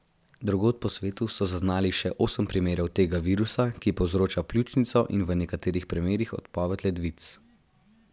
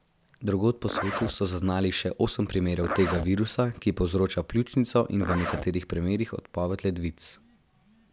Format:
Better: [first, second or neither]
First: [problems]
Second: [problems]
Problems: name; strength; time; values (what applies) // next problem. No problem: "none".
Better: first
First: none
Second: background sound (Zipper (clothing)); 9 dB below the speech